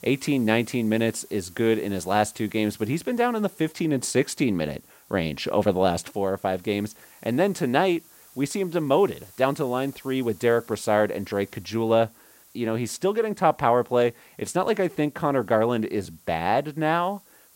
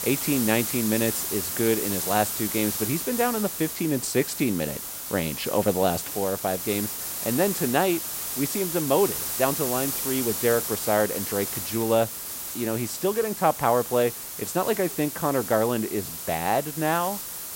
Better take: first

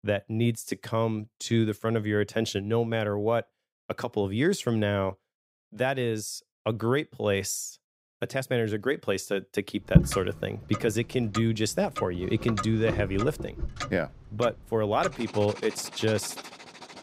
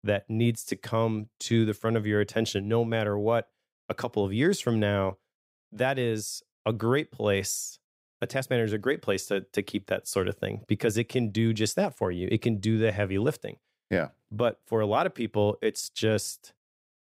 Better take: second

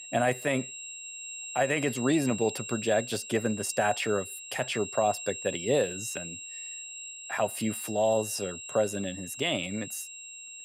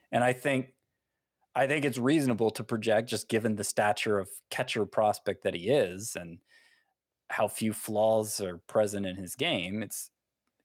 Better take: second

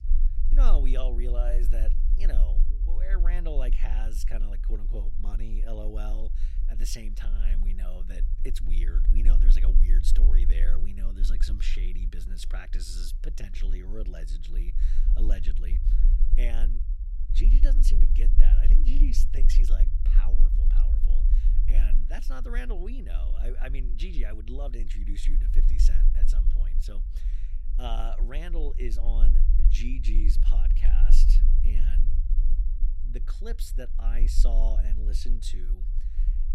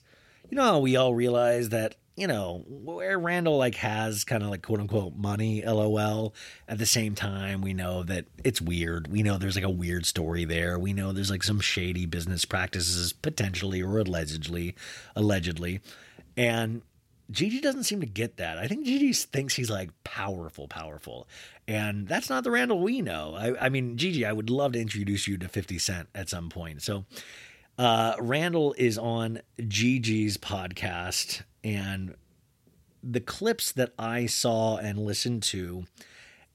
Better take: second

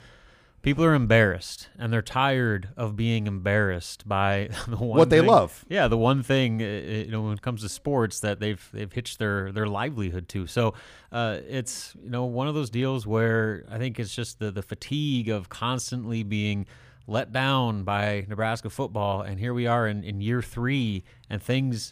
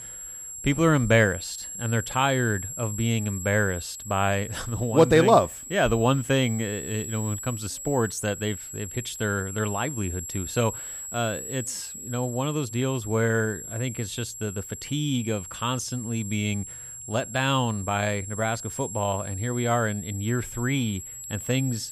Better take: first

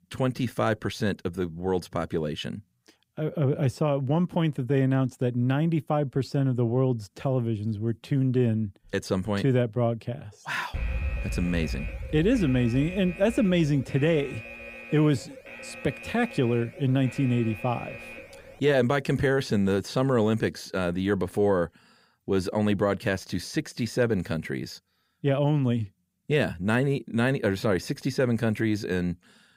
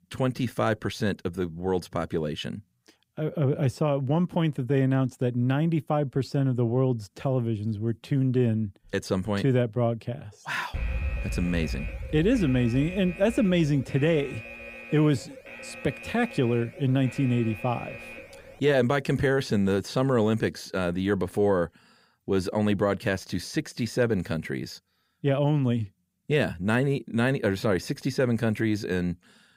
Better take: neither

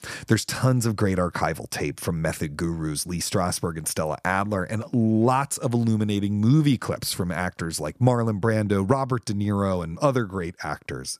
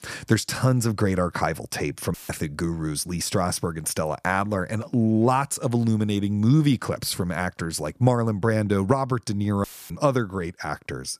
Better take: first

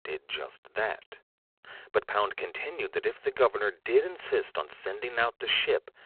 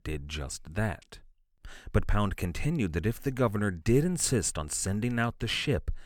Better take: second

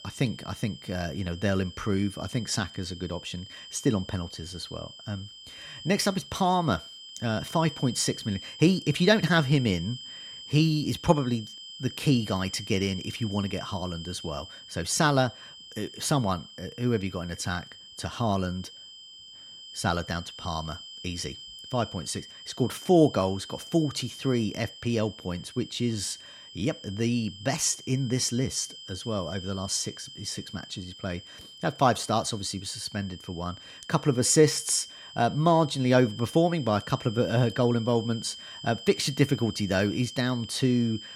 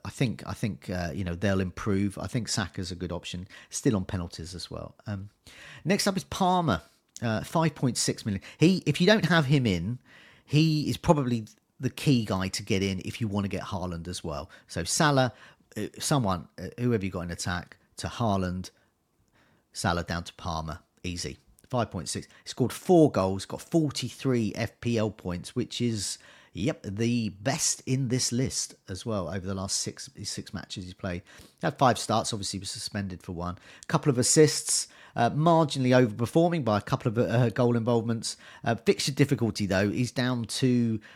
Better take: second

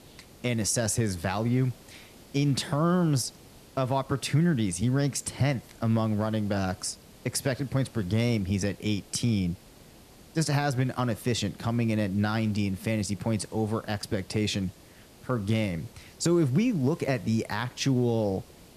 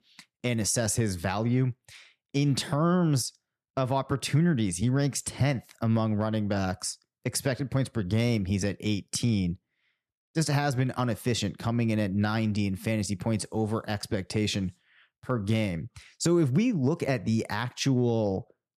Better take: second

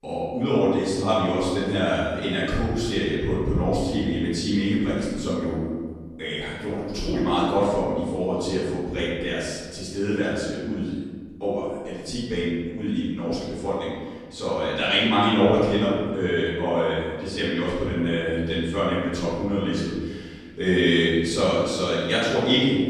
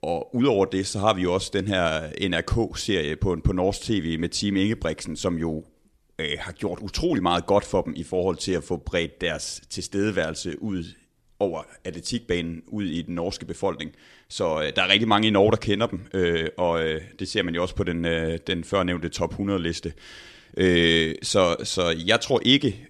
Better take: second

